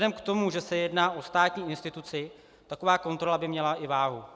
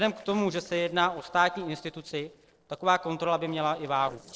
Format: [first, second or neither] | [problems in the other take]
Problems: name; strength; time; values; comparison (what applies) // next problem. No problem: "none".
first | noise reduction (neural separator model SepFormer DNS4)